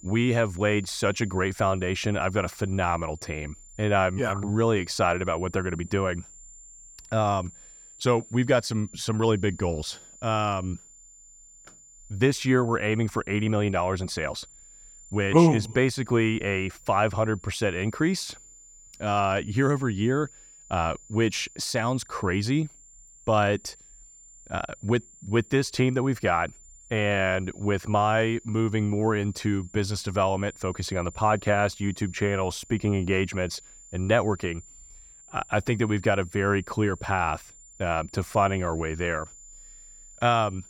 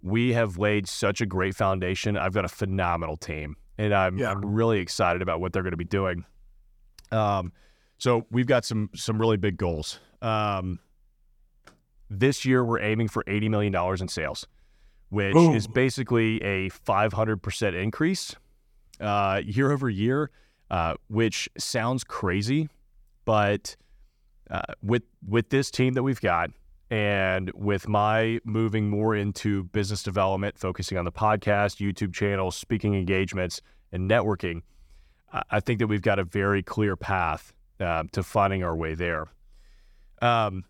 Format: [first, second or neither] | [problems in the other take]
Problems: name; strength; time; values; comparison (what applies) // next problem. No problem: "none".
second | high-pitched whine; faint; throughout; 7 kHz, 20 dB below the speech